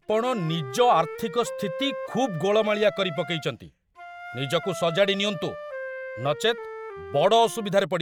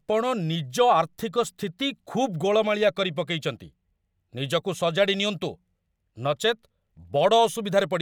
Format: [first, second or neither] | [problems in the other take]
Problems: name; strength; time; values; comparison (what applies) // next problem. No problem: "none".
second | background sound (Wind instrument, woodwind instrument); 12 dB below the speech